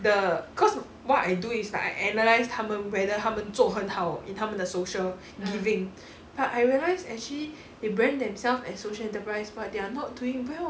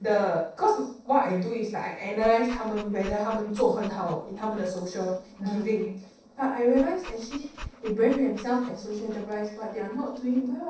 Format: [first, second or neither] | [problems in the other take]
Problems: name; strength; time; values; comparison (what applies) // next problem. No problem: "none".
first | noise reduction (neural separator model SepFormer DNS4)